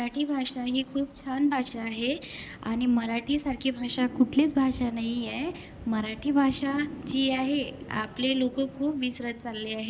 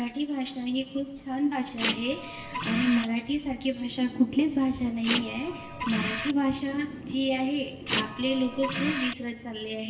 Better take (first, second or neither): first